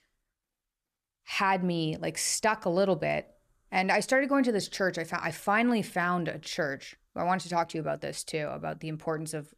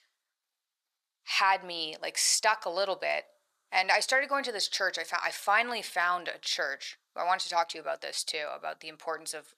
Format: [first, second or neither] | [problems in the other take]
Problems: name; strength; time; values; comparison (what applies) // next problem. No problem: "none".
first | thin; very; fading below 850 Hz